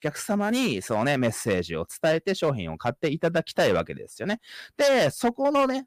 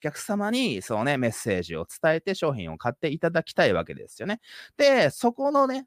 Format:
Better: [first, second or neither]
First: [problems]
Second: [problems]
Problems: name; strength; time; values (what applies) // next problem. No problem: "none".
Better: second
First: distortion; slight; 7% of the sound clipped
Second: none